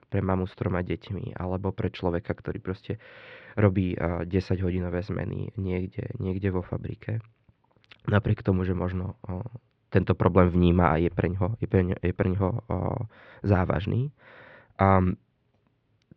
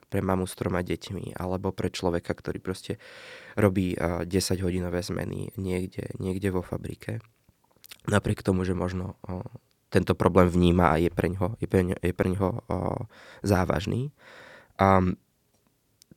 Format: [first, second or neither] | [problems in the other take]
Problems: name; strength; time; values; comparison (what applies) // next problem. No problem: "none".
second | muffled; slightly; fading above 3.5 kHz